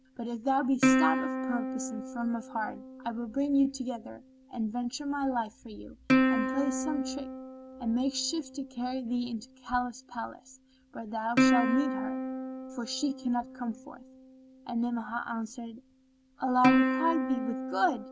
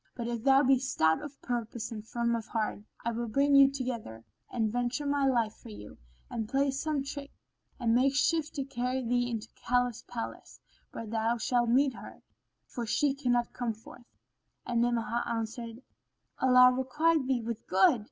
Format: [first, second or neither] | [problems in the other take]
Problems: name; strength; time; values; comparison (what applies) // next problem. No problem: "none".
second | background sound (Plucked string instrument); as loud as the speech